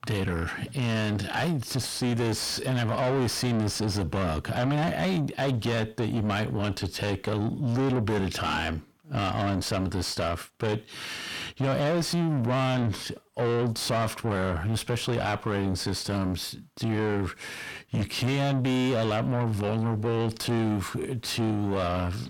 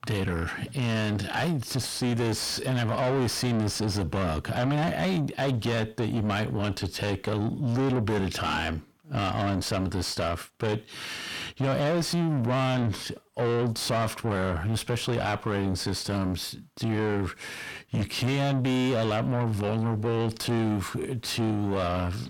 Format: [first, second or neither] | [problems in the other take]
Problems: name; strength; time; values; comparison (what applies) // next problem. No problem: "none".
neither | distortion; heavy; 8 dB below the speech; the same in both